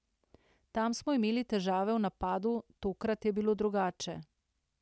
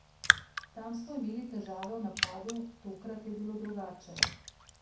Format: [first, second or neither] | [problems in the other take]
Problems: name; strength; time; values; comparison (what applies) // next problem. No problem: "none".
first | background sound (Raindrop); 5 dB above the speech // room echo; dies away in 0.6 s